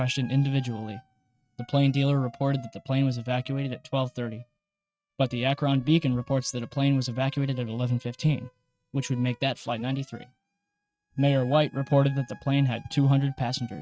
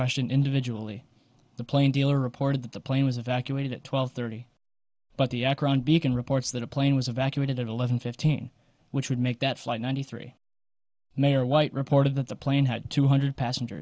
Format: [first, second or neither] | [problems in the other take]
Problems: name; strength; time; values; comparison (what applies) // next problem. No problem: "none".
second | noise reduction (neural mask model RNNoise)